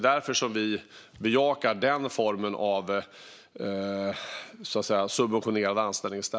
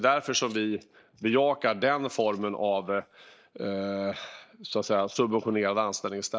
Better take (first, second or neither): first